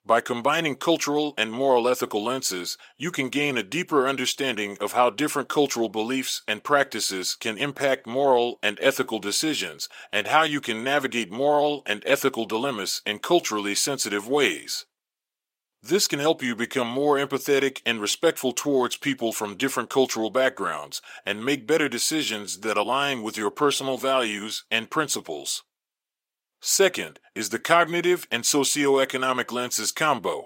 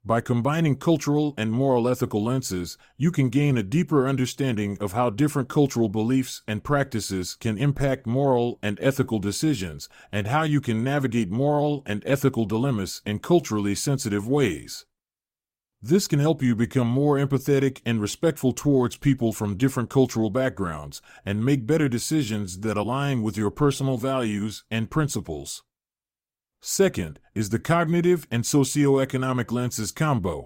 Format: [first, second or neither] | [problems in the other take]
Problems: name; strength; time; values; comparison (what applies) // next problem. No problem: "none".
second | thin; somewhat; fading below 450 Hz